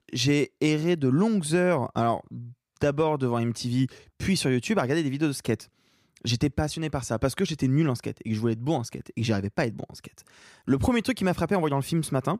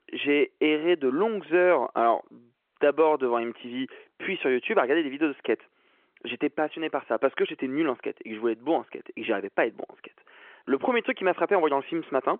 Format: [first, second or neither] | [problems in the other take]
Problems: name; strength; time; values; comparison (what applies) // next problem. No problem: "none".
first | phone-call audio; nothing above 3.5 kHz